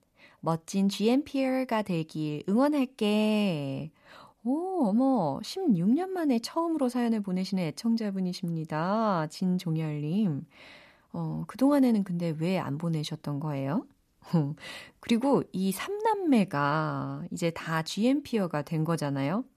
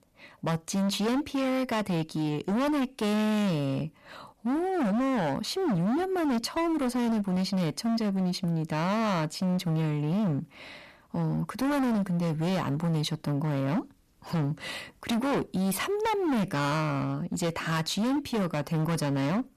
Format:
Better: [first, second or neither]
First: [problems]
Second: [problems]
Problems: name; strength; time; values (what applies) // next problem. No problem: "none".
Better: first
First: none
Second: distortion; heavy; 30% of the sound clipped